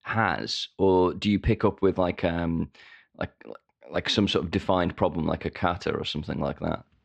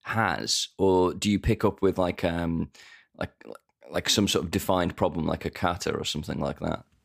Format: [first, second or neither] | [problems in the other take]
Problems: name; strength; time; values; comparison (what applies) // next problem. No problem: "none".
second | muffled; very slightly; fading above 4 kHz